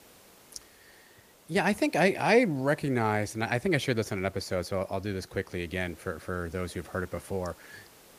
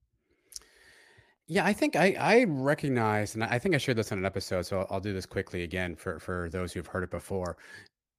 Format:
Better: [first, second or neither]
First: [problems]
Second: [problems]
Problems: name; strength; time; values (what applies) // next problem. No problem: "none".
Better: second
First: hiss; faint; throughout; 25 dB below the speech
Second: none